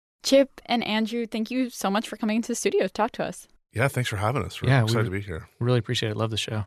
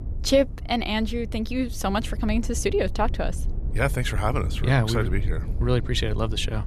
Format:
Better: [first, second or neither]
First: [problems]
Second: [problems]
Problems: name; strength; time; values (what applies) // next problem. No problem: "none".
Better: first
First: none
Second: low rumble; noticeable; throughout; 20 dB below the speech